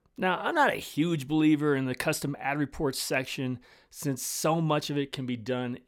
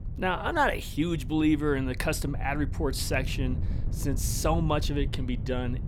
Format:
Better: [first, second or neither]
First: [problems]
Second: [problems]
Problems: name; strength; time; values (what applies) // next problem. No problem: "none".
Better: first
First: none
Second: wind noise on the microphone; occasional gusts; 20 dB below the speech